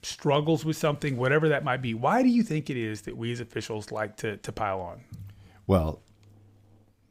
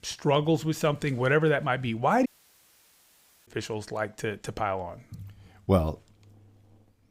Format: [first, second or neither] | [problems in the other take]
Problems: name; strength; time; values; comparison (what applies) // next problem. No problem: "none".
first | audio cutting out; at 2.5 s for 1 s